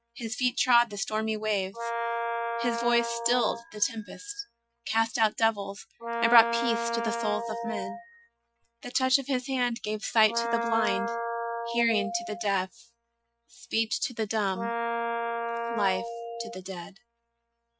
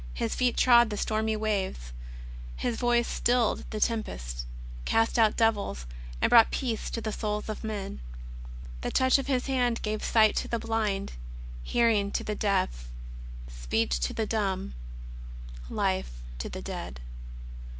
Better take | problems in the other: second | noise reduction (classical method Wiener filter)

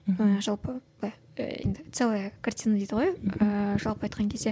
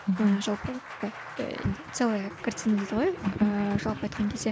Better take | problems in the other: first | background sound (Applause); 14 dB below the speech

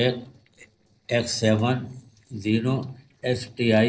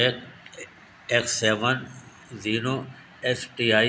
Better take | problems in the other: second | noise reduction (neural separator model SepFormer DNS4)

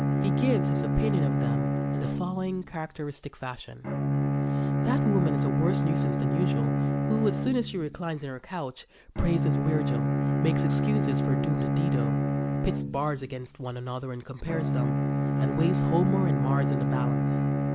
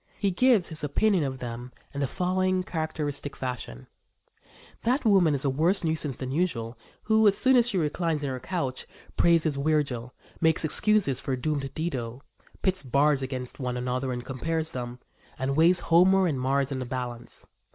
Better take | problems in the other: second | background sound (Bowed string instrument); 5 dB above the speech

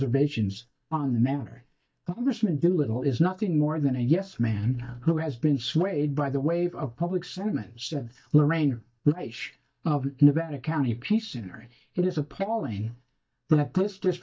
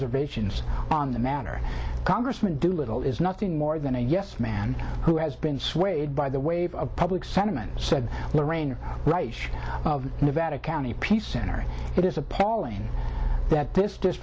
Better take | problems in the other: second | noise reduction (neural mask model DeepFilterNet 3)

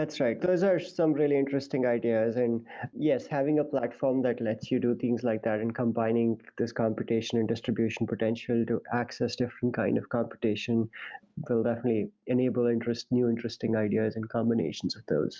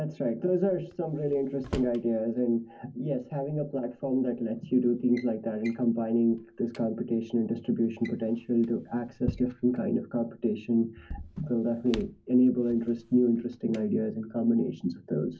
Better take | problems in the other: first | background sound (Drawer open or close); 19 dB below the speech // room echo; dies away in 0.3 s

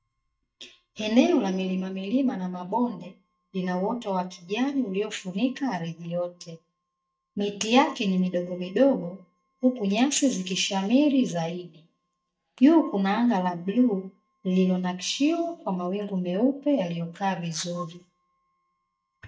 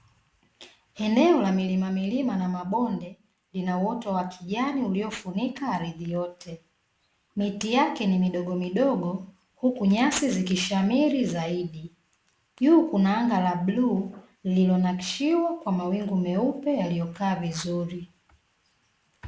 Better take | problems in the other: second | noise reduction (neural mask model DeepFilterNet 3)

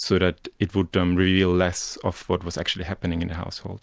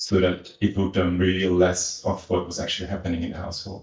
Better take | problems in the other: first | noise reduction (neural mask model DeepFilterNet 3)

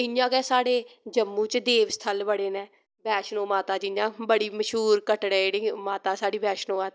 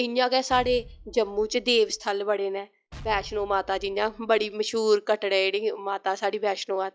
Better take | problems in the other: first | noise reduction (classical method log-MMSE)

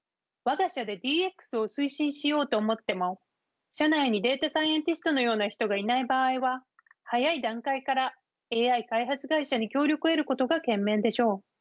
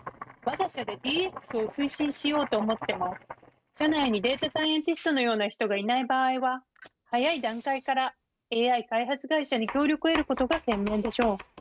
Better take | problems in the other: first | noise reduction (neural mask model RNNoise)

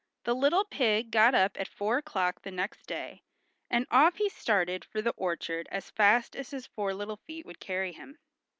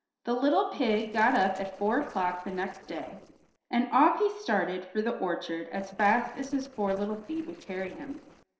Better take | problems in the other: first | noise reduction (neural separator model SepFormer DNS4)

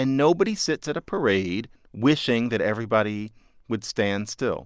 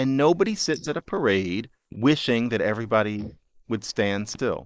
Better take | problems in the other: first | noise reduction (neural mask model Resemble Enhance denoiser)

